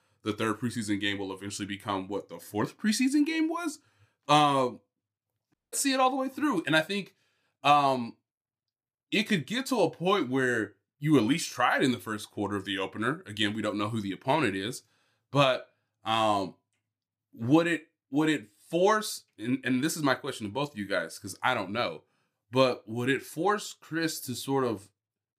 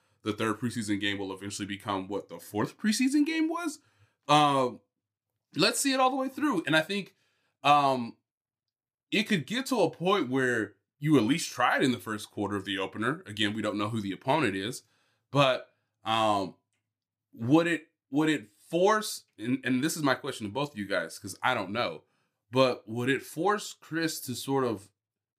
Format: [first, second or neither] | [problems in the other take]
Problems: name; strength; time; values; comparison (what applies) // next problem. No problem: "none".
second | audio cutting out; at 5.5 s